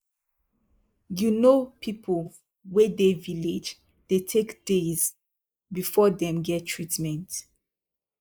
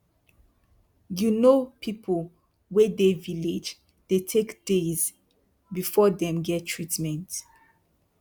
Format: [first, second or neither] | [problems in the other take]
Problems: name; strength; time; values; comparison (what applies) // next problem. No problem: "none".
second | noise reduction (neural mask model Resemble Enhance denoiser)